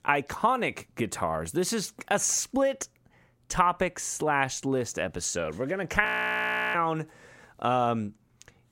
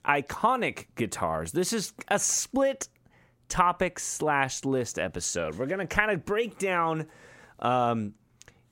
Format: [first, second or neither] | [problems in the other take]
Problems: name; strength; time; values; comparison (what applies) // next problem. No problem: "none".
second | audio freezing; at 6 s for 0.5 s